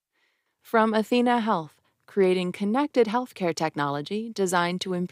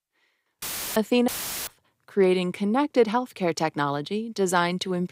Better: first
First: none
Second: audio cutting out; filled with static; at 0.5 s and at 1.5 s

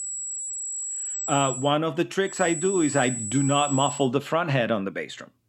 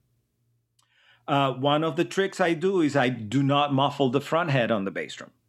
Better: second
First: high-pitched whine; loud; until 1.5 s and from 2.5 to 4 s; 8 kHz, 5 dB below the speech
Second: none

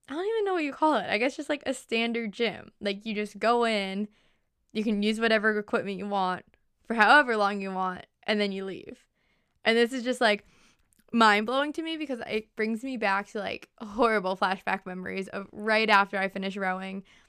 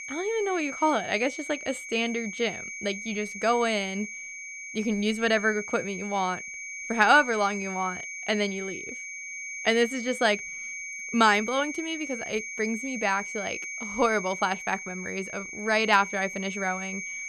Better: first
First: none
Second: high-pitched whine; loud; throughout; 2.5 kHz, 8 dB below the speech

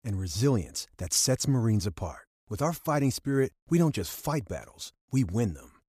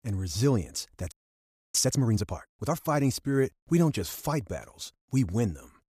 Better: first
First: none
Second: audio freezing; at 1 s for 0.5 s

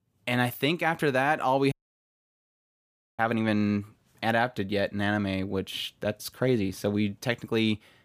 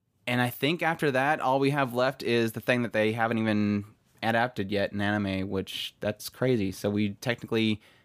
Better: second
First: audio cutting out; at 1.5 s for 1.5 s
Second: none

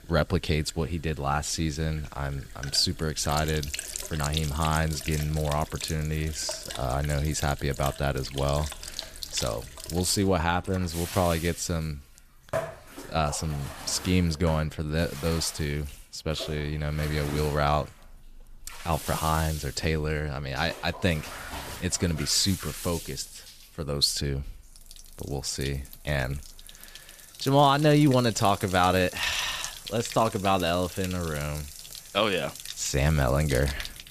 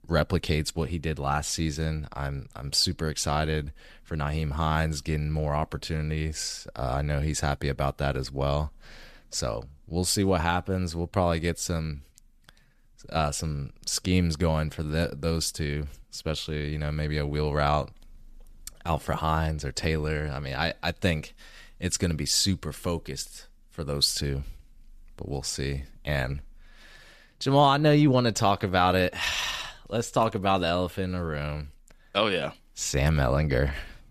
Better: second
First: household noises; noticeable; throughout; 10 dB below the speech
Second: none

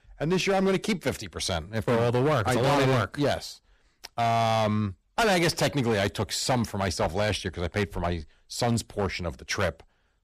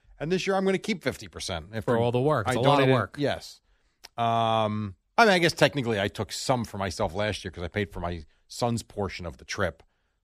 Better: second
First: distortion; heavy; 13% of the sound clipped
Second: none

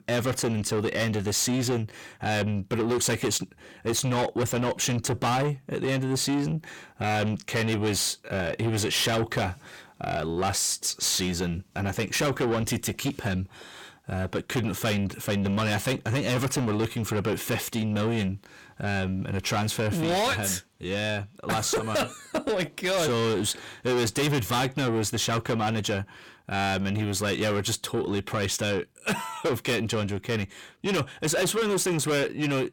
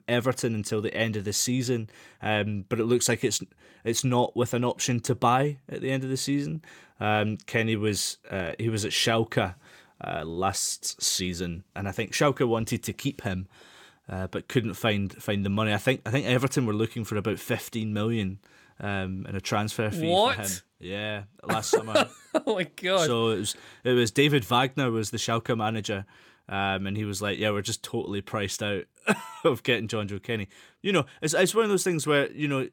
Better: second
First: distortion; heavy; 6 dB below the speech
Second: none

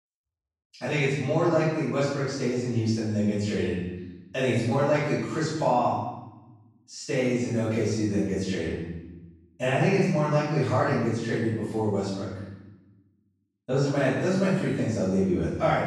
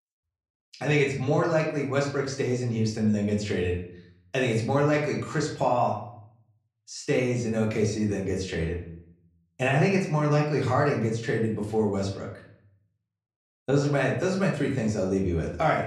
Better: second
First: room echo; strong; dies away in 1 s // off-mic speech; far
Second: room echo; slight; dies away in 0.6 s // off-mic speech; far

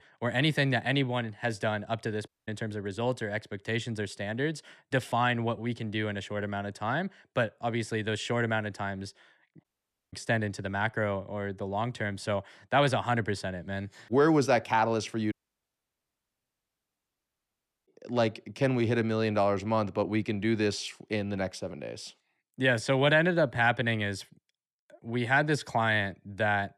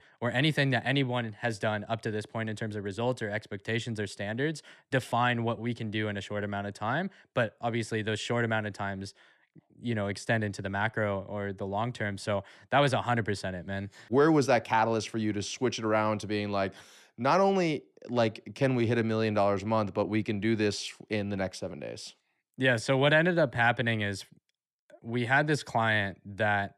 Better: second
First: audio cutting out; at 2.5 s, at 9.5 s and at 15 s for 2.5 s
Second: none

